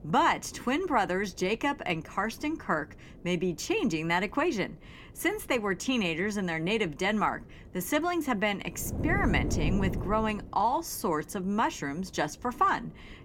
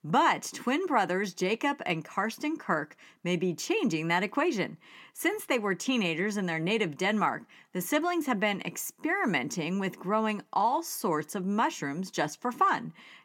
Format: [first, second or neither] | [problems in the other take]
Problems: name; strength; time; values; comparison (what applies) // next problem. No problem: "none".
second | wind noise on the microphone; occasional gusts; 15 dB below the speech